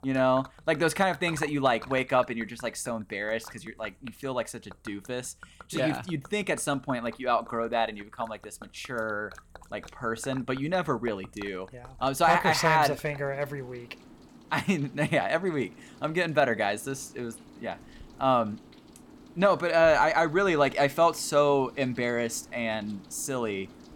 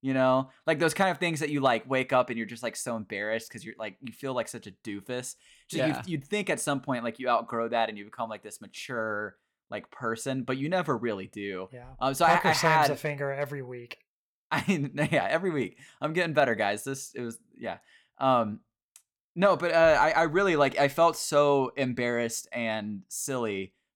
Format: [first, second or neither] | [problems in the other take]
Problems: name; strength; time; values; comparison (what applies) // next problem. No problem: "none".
second | rain or running water; faint; throughout; 20 dB below the speech